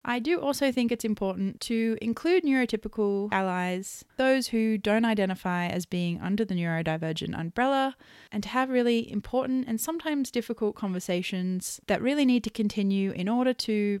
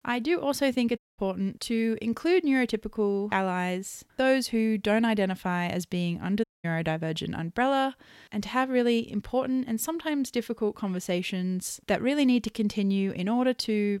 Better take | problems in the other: first | audio cutting out; at 1 s and at 6.5 s

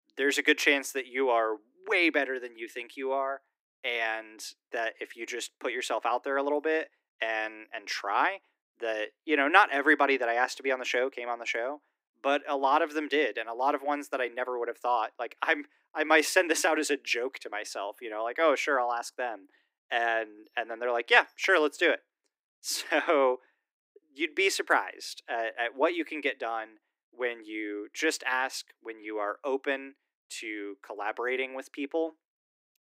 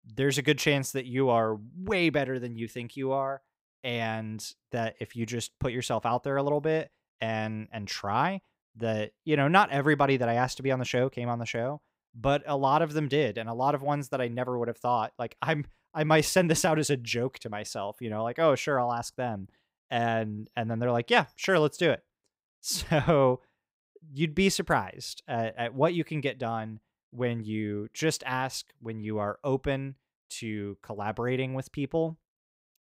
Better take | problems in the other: second | thin; somewhat; fading below 300 Hz

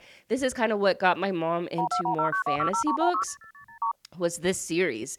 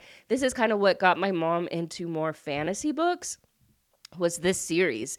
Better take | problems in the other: second | phone ringing; loud; from 2 to 4 s; peak 1 dB above the speech

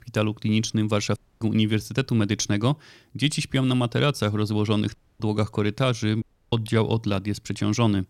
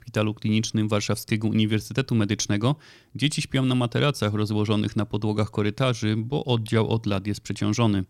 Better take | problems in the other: second | audio cutting out; at 1 s, at 5 s and at 6 s

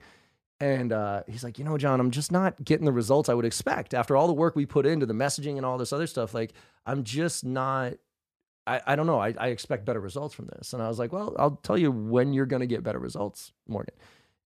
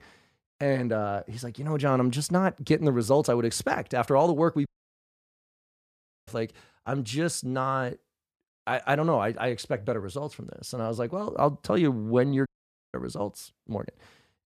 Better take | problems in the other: first | audio cutting out; at 4.5 s for 1.5 s and at 12 s

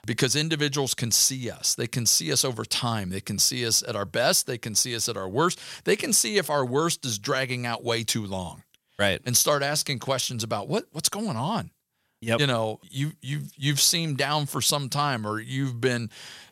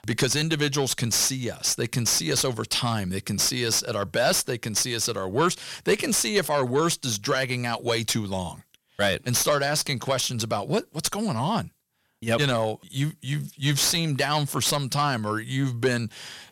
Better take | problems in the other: first | distortion; slight; 10 dB below the speech

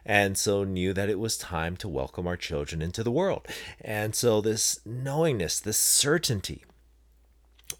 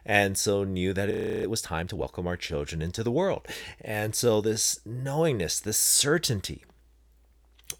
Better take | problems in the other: first | audio freezing; at 1 s

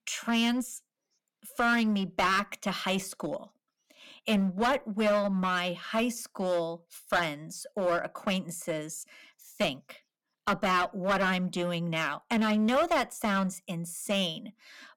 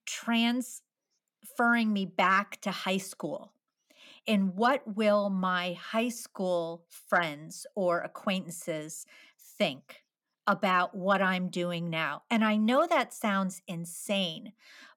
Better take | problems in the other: second | distortion; slight; 8% of the sound clipped

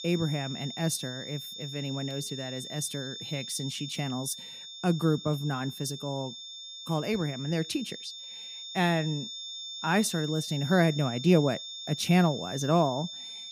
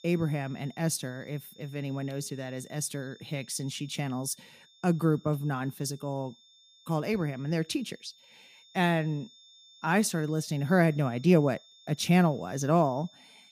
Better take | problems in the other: second | high-pitched whine; loud; throughout; 3.5 kHz, 9 dB below the speech; faint in the second

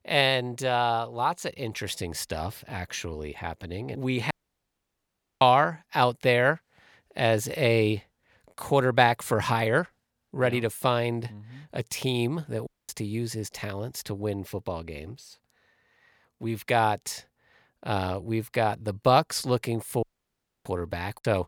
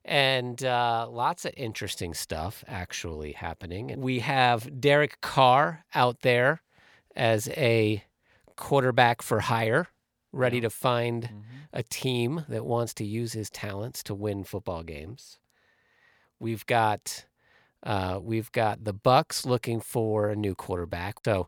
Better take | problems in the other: second | audio cutting out; at 4.5 s for 1 s, at 13 s and at 20 s for 0.5 s

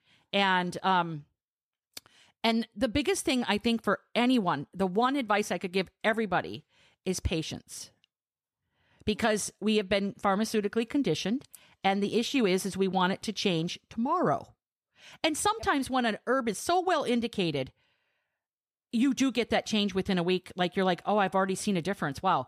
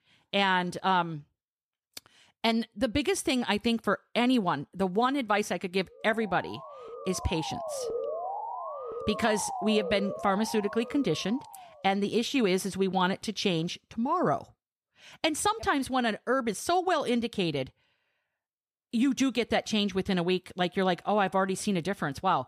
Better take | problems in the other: first | siren; noticeable; from 6 to 12 s; peak 5 dB below the speech

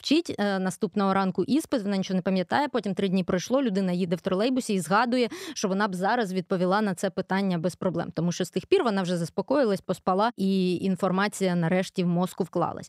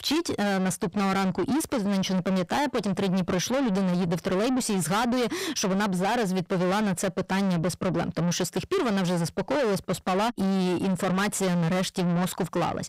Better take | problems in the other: first | distortion; heavy; 7 dB below the speech

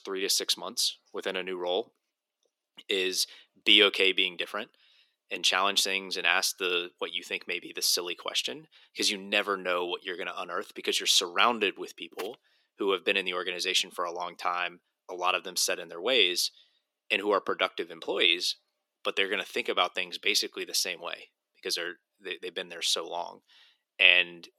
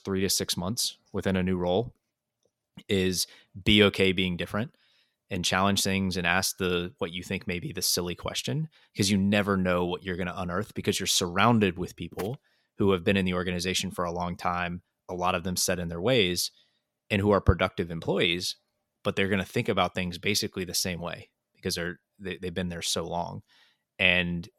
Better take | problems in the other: second | thin; somewhat; fading below 300 Hz

